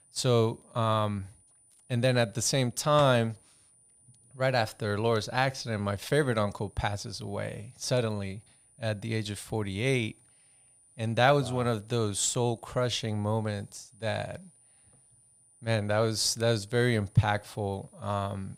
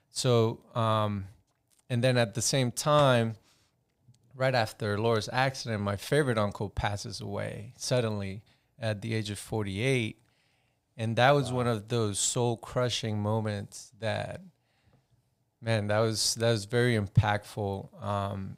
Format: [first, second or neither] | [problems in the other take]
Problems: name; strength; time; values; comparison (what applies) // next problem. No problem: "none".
second | high-pitched whine; faint; throughout; 9.5 kHz, 30 dB below the speech